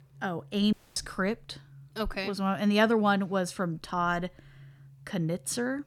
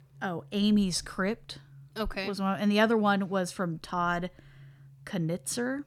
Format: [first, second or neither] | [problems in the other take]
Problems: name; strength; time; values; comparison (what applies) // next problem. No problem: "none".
second | audio cutting out; at 0.5 s